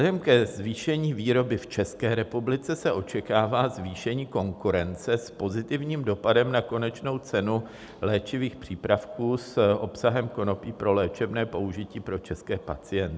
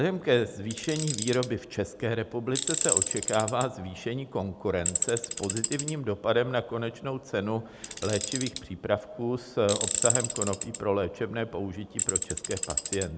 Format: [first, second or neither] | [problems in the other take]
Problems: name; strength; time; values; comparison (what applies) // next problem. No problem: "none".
first | background sound (Tools); 2 dB below the speech